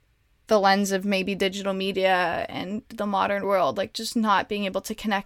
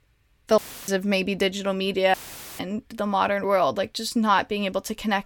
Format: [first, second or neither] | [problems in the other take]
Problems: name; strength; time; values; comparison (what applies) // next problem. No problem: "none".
first | audio cutting out; filled with static; at 0.5 s and at 2 s